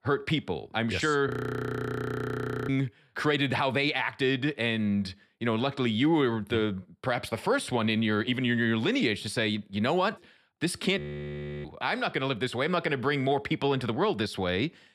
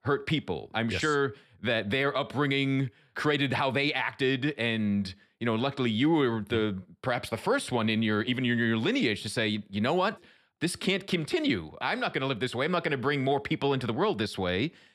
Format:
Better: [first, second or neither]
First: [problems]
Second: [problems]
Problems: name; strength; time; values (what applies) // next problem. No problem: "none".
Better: second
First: audio freezing; at 1.5 s for 1.5 s and at 11 s for 0.5 s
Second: none